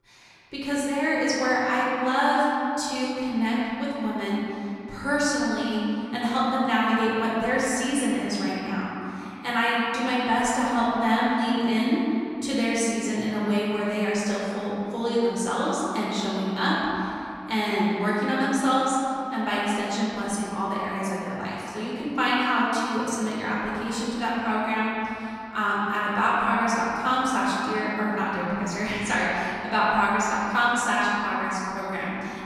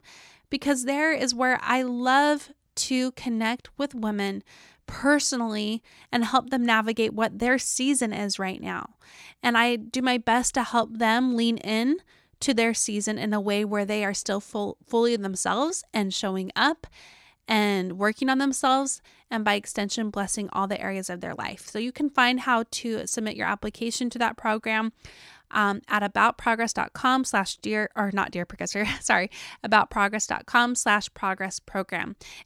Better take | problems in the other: second | room echo; strong; dies away in 2.7 s // off-mic speech; far

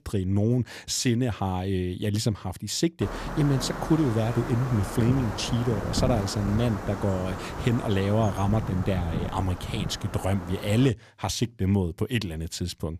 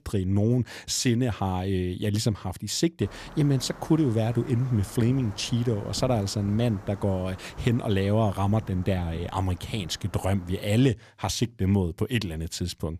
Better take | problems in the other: second | wind noise on the microphone; heavy; from 3 to 11 s; 5 dB below the speech; occasional gusts in the second

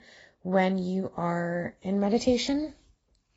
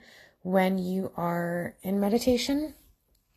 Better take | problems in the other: second | garbled, watery; badly; nothing above 7.5 kHz; slightly in the second

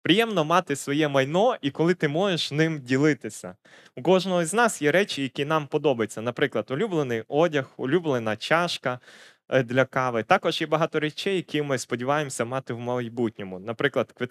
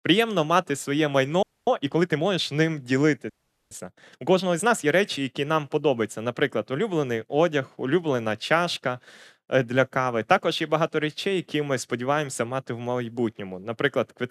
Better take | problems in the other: first | audio freezing; at 1.5 s and at 3.5 s

